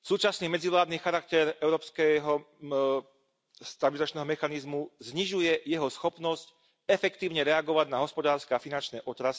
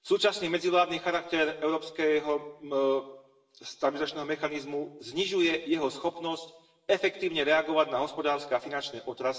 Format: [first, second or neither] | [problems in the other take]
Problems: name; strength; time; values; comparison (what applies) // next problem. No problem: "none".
first | room echo; dies away in 0.8 s